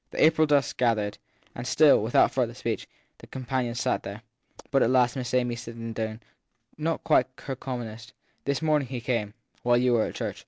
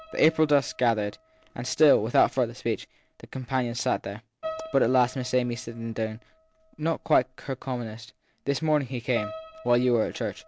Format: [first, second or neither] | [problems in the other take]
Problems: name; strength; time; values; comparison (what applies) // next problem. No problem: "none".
first | background sound (Piano); 18 dB below the speech